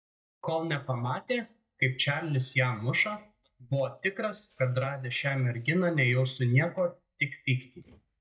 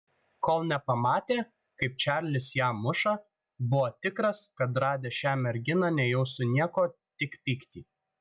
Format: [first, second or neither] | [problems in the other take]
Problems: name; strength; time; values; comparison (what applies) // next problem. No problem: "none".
second | noise reduction (neural mask model DeepFilterNet 3)